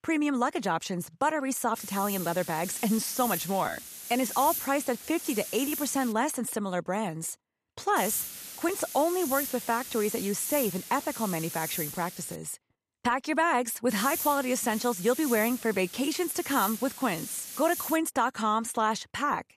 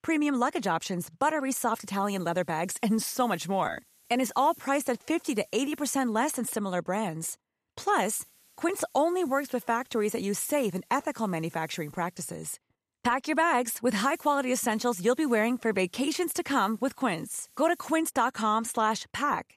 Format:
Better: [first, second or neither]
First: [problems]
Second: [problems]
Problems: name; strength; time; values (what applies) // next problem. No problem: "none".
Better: second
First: hiss; loud; from 2 to 6 s, from 8 to 12 s and from 14 to 18 s; 7 dB below the speech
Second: hiss; faint; from 2 to 6 s, from 8 to 12 s and from 14 to 18 s; 25 dB below the speech